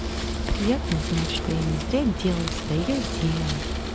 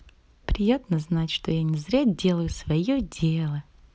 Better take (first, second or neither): second